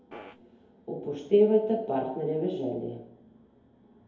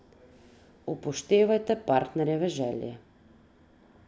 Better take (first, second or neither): second